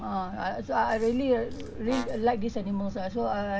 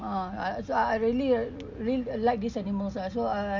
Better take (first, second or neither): second